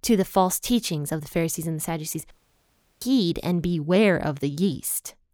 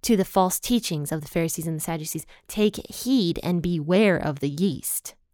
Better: second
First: audio cutting out; at 2.5 s for 0.5 s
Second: none

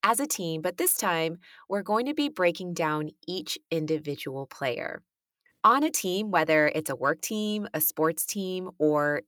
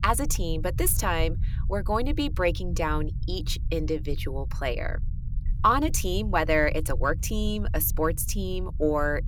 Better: first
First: none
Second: low rumble; faint; throughout; 20 dB below the speech

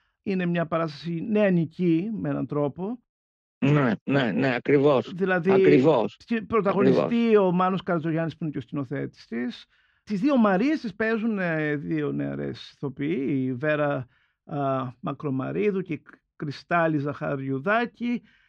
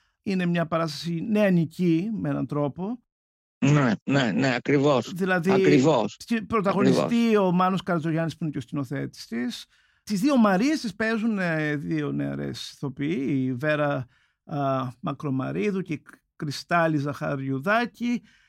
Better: second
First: muffled; slightly; fading above 3 kHz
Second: none

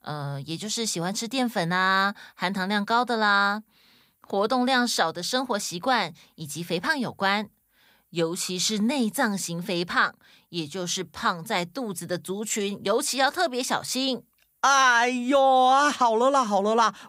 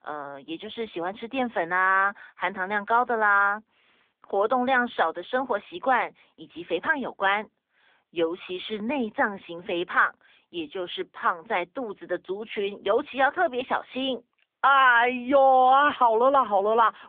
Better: first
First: none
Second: phone-call audio; nothing above 3.5 kHz

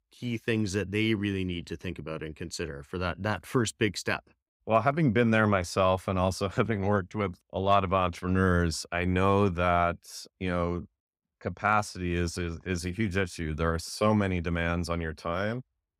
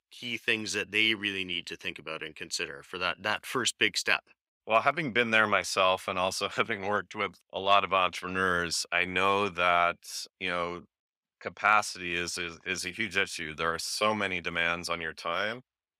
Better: first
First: none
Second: thin; somewhat; fading below 950 Hz

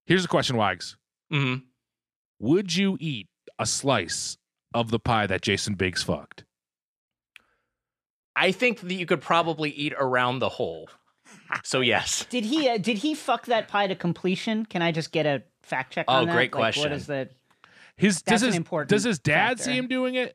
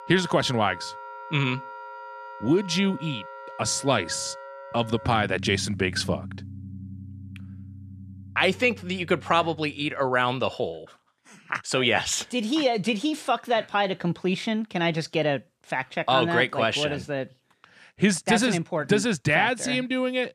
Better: first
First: none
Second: background music; noticeable; until 10 s; 15 dB below the speech

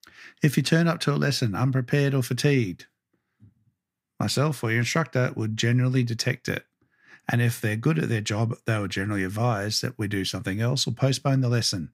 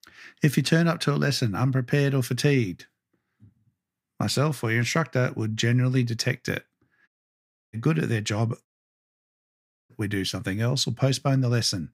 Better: first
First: none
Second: audio cutting out; at 7 s for 0.5 s and at 8.5 s for 1 s

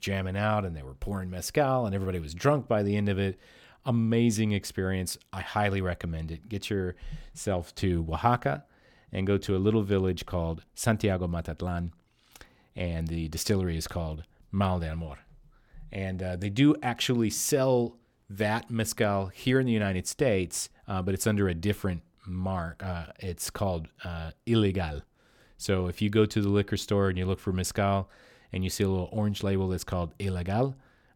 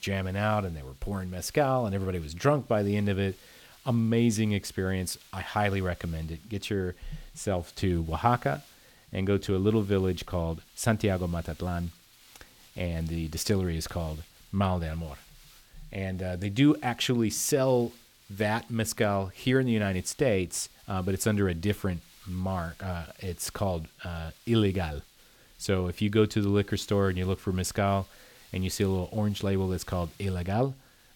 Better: first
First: none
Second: hiss; faint; throughout; 25 dB below the speech

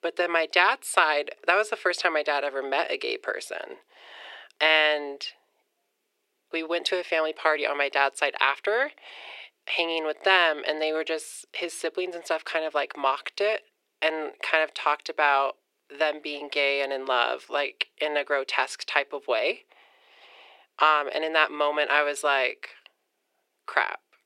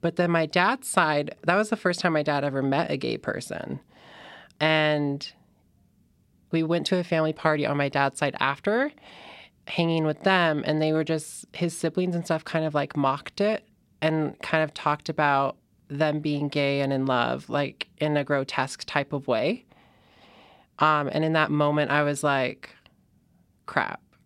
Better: second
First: thin; very; fading below 400 Hz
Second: none

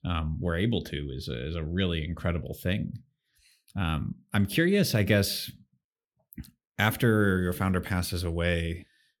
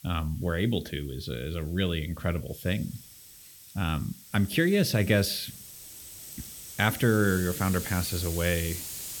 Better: first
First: none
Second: hiss; noticeable; throughout; 10 dB below the speech

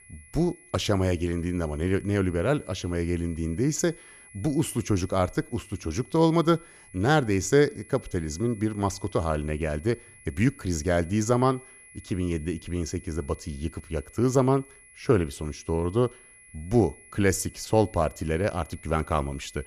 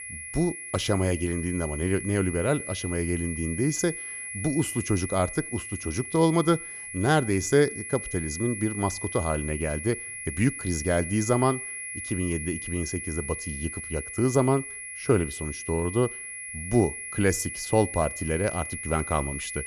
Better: first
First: high-pitched whine; faint; throughout; 2 kHz, 25 dB below the speech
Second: high-pitched whine; loud; throughout; 2 kHz, 7 dB below the speech

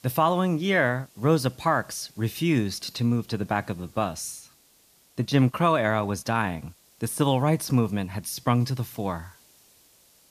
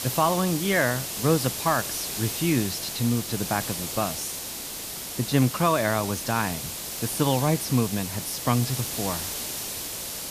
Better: first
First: hiss; faint; throughout; 30 dB below the speech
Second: hiss; loud; throughout; 4 dB below the speech

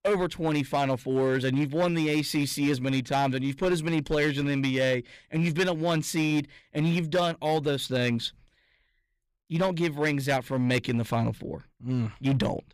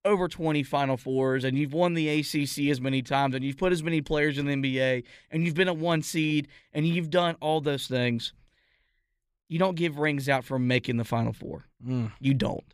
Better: second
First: distortion; slight; 7% of the sound clipped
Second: none

